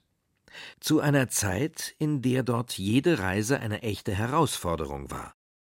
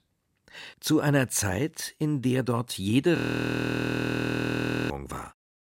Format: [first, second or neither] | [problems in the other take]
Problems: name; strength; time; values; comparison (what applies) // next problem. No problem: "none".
first | audio freezing; at 3 s for 1.5 s